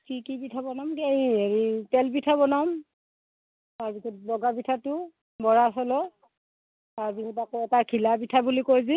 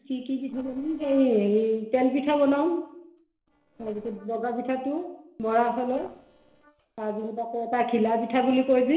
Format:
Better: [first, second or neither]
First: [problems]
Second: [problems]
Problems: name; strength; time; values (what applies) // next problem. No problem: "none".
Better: first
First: none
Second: noise reduction (neural separator model SepFormer DNS4)